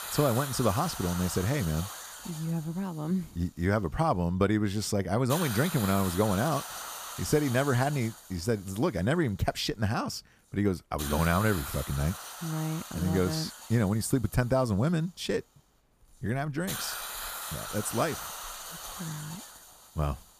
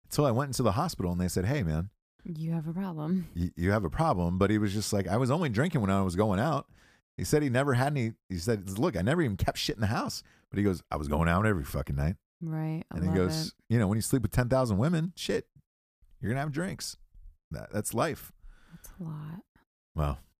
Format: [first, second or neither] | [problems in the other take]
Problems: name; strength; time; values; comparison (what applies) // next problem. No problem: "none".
second | hiss; loud; throughout; 8 dB below the speech